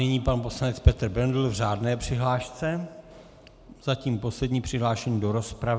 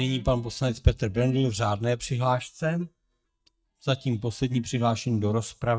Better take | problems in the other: first | noise reduction (neural mask model DeepFilterNet 3)

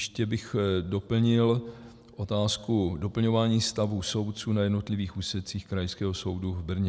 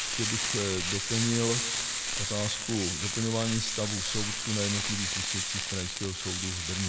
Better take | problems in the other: first | background sound (Frying (food)); 1 dB above the speech

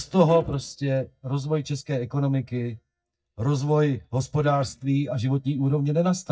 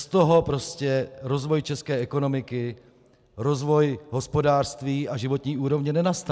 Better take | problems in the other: second | noise reduction (neural mask model DeepFilterNet 3)

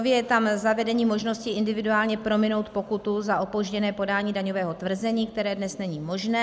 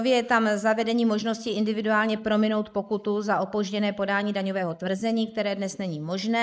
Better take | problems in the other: first | noise reduction (neural mask model Resemble Enhance denoiser)

